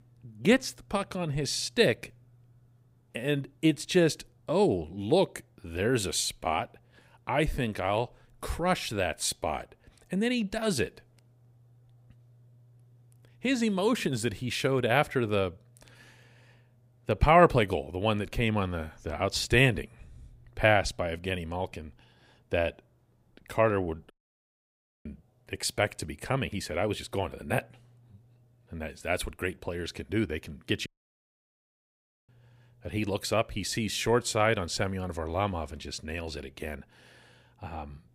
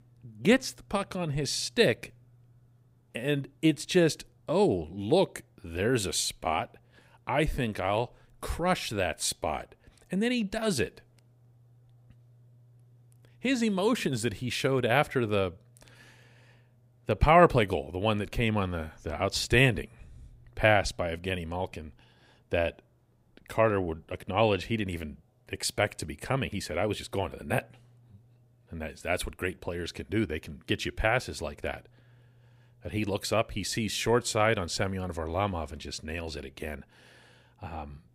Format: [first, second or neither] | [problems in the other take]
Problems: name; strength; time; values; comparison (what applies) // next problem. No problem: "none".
second | audio cutting out; at 24 s for 1 s and at 31 s for 1.5 s